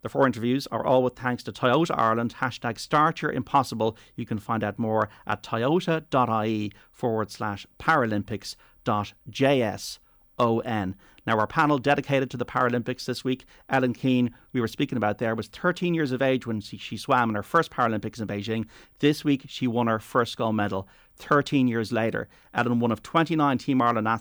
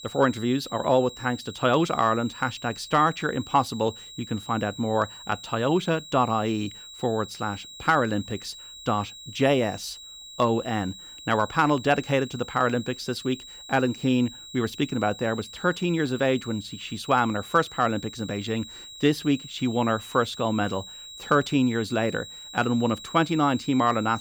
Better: first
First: none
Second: high-pitched whine; noticeable; throughout; 4 kHz, 15 dB below the speech

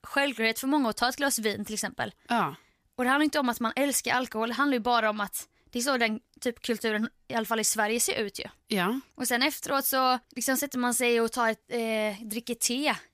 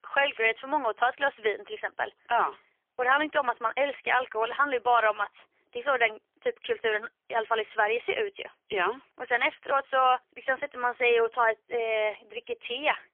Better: first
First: none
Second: phone-call audio; poor line; nothing above 3.5 kHz

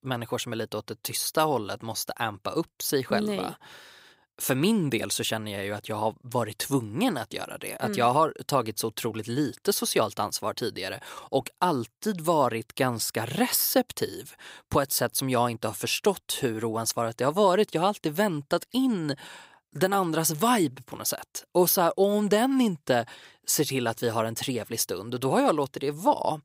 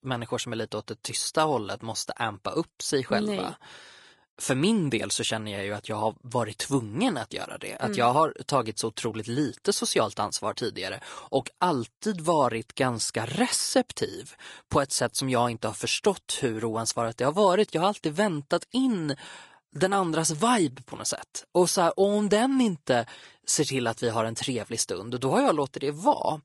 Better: first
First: none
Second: garbled, watery; slightly; nothing above 11.5 kHz

